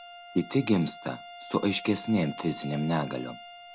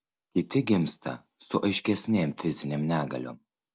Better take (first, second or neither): second